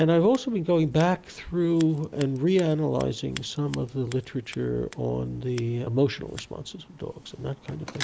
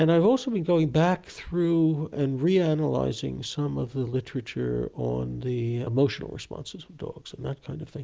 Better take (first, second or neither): second